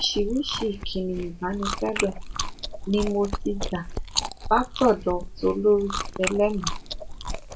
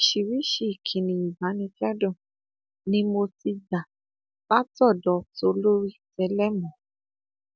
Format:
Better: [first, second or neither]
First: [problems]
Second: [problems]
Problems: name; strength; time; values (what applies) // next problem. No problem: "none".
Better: second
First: background sound (Chewing, mastication); 5 dB below the speech // room echo; dies away in 0.2 s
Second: none